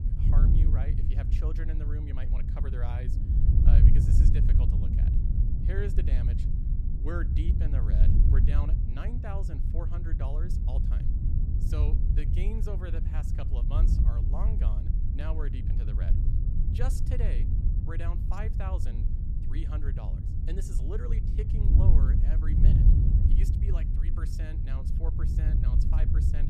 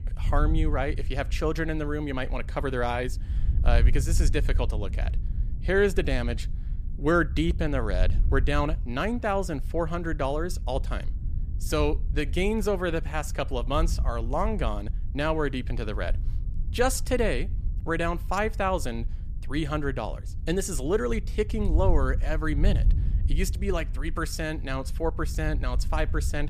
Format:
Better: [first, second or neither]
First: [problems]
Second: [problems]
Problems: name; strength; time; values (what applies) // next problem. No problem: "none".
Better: second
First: wind noise on the microphone; heavy; 1 dB above the speech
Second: wind noise on the microphone; occasional gusts; 20 dB below the speech